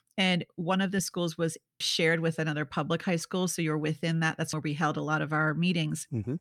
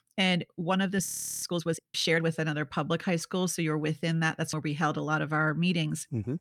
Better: first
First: none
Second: audio freezing; at 1 s

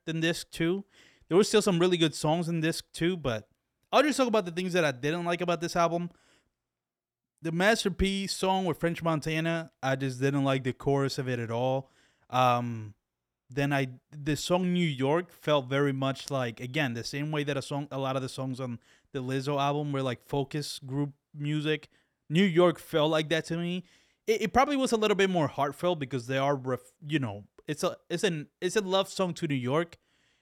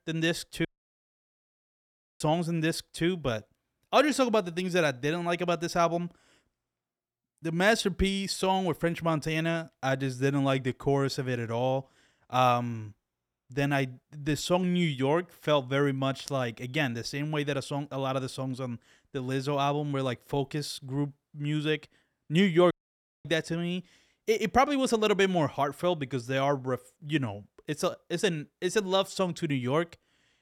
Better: first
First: none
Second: audio cutting out; at 0.5 s for 1.5 s and at 23 s for 0.5 s

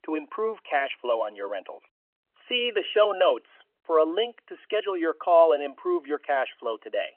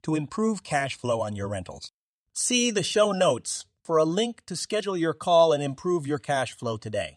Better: second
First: phone-call audio; nothing above 3 kHz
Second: none

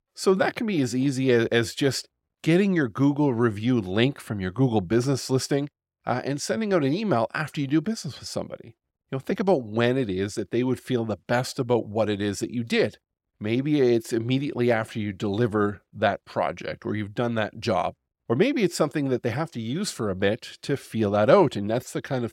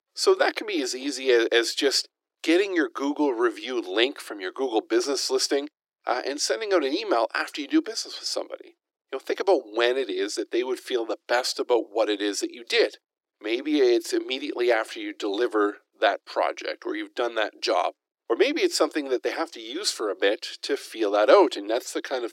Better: first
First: none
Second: thin; somewhat; fading below 300 Hz

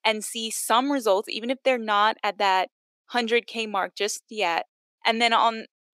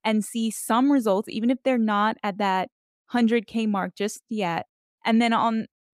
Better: second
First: thin; somewhat; fading below 400 Hz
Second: none

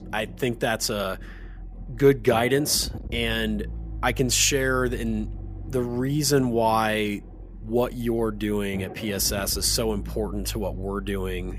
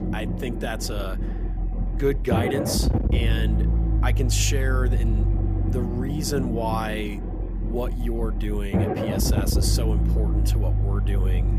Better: first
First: low rumble; faint; throughout; 20 dB below the speech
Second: low rumble; loud; throughout; 4 dB below the speech

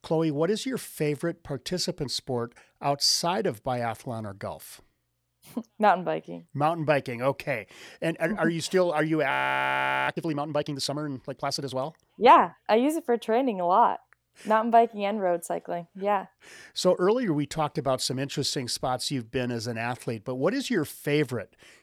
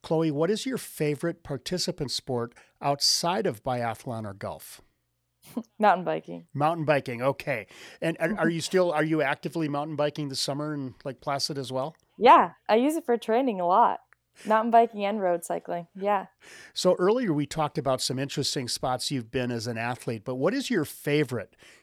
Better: second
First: audio freezing; at 9.5 s for 1 s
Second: none

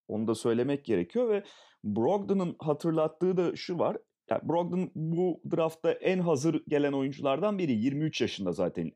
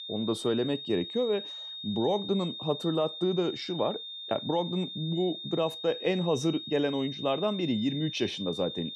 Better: first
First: none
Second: high-pitched whine; loud; throughout; 3.5 kHz, 8 dB below the speech

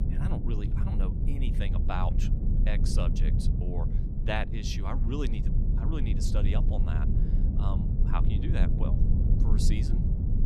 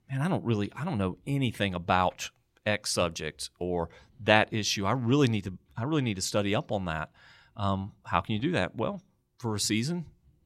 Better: second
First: low rumble; loud; throughout; 3 dB below the speech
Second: none

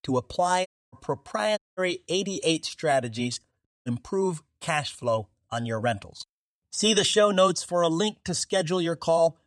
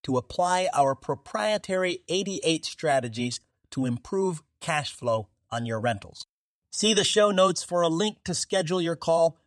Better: second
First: audio cutting out; at 0.5 s, at 1.5 s and at 3.5 s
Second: none

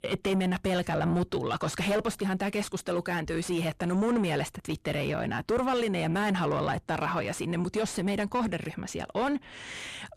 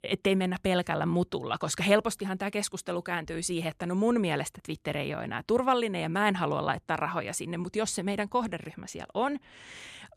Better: second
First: distortion; heavy; 6 dB below the speech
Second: none

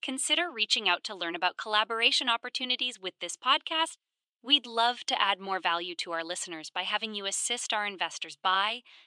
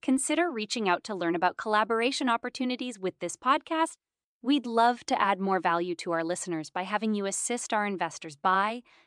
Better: second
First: thin; somewhat; fading below 900 Hz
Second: none

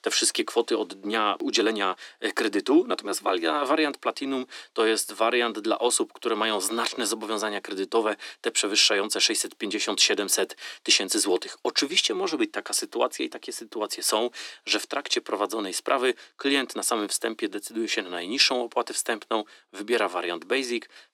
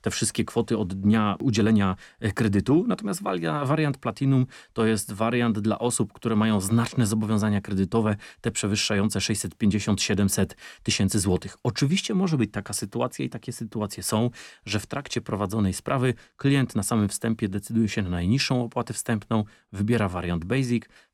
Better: second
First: thin; very; fading below 300 Hz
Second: none

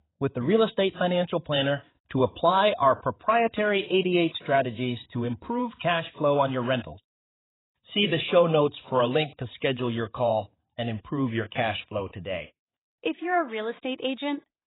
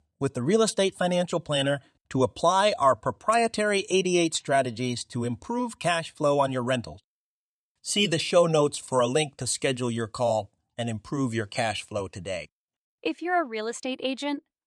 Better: second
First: garbled, watery; badly; nothing above 4 kHz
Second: none

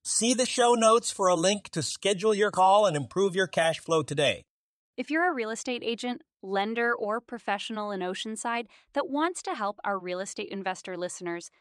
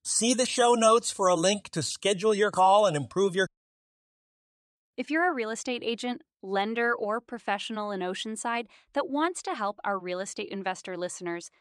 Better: first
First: none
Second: audio cutting out; at 3.5 s for 1.5 s

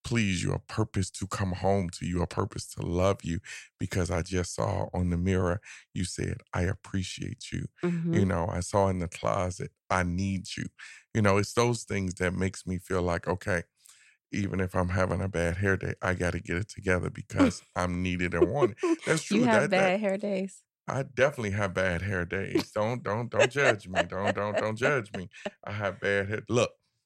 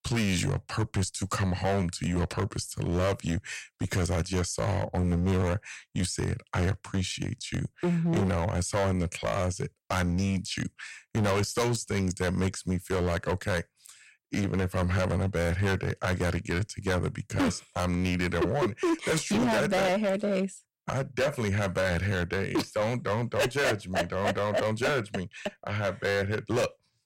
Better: first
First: none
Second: distortion; heavy; 13% of the sound clipped

